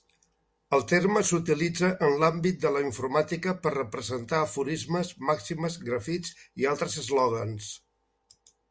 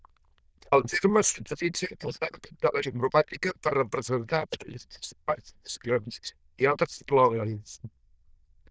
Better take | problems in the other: first | noise reduction (neural diffusion model UNIVERSE++)

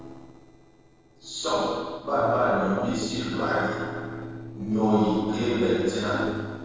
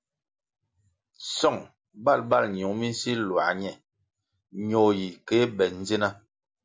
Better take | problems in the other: second | noise reduction (neural separator model SepFormer DNS4)

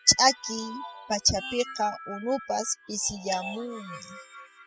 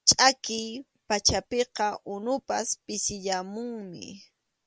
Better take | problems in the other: second | noise reduction (classical method spectral subtraction)

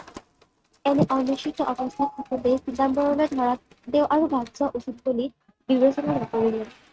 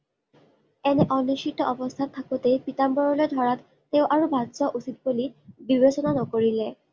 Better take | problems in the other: second | noise reduction (neural mask model RNNoise)

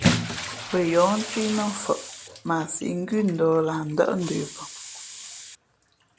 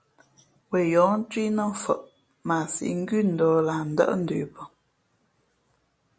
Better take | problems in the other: second | background sound (Hiss + Bathtub (filling or washing) / Splash, splatter); 6 dB below the speech

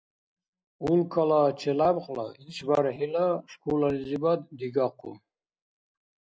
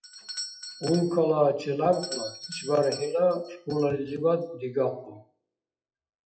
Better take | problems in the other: first | noise reduction (classical method WPE with log-MMSE)

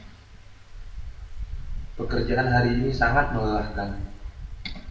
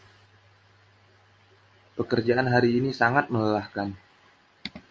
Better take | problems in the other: second | background sound (Wind); 5 dB below the speech // room echo; dies away in 0.7 s

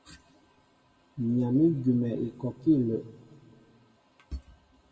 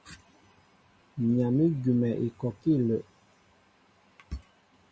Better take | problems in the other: second | room echo; dies away in 1 s

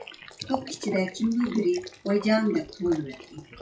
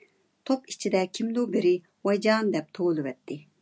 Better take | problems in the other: second | noise reduction (classical method WPE with log-MMSE)

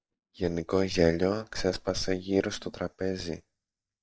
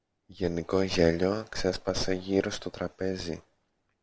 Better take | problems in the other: second | noise reduction (neural mask model DeepFilterNet 3)

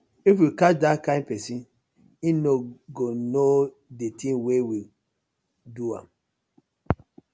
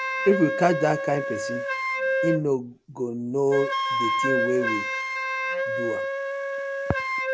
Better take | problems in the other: first | background sound (Wind instrument, woodwind instrument); as loud as the speech

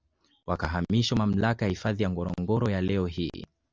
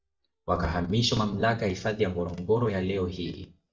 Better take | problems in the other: first | noise reduction (neural mask model DeepFilterNet 3)

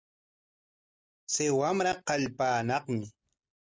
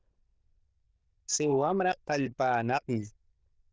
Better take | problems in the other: first | noise reduction (neural diffusion model UNIVERSE++)

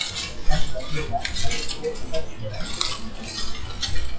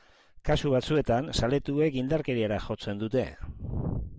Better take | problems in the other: second | noise reduction (classical method WPE with log-MMSE)

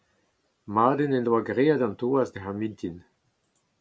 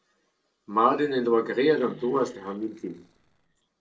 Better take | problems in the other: first | noise reduction (neural separator model SepFormer DNS4)

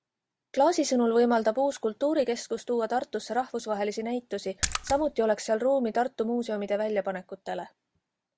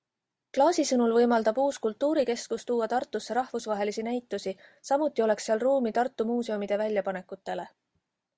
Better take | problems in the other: second | background sound (Splash, splatter); 6 dB below the speech

